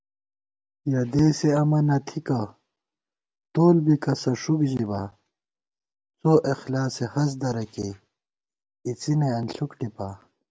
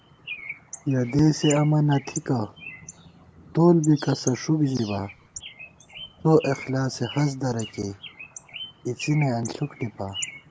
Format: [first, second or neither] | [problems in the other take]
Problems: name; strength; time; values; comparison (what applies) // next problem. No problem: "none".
first | background sound (Bird); 15 dB below the speech